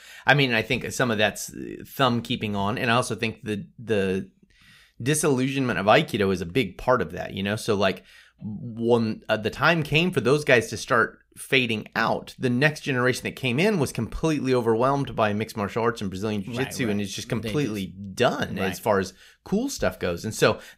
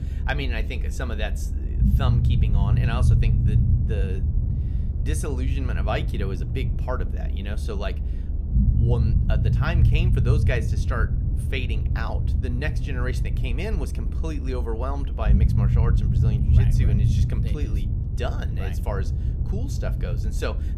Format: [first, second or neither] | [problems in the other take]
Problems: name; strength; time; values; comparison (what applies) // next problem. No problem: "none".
first | low rumble; loud; throughout; 4 dB below the speech